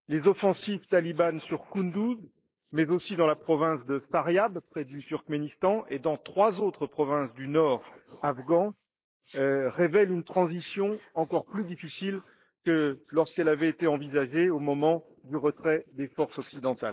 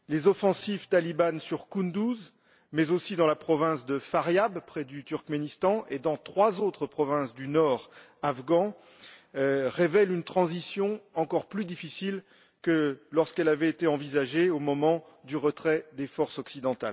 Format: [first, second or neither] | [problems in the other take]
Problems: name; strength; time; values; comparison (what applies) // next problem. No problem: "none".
second | noise reduction (neural mask model Resemble Enhance denoiser)